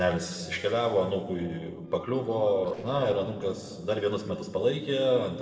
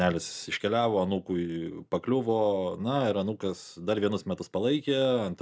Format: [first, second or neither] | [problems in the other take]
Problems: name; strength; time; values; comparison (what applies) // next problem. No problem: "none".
second | noise reduction (neural separator model SepFormer DNS4)